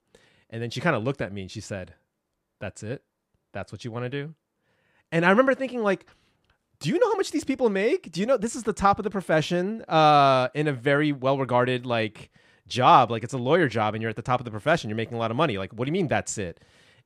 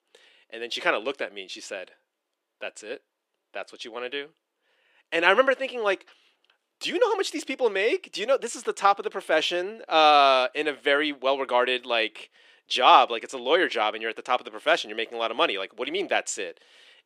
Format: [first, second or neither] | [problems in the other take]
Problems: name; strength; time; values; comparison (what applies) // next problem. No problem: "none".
first | thin; somewhat; fading below 350 Hz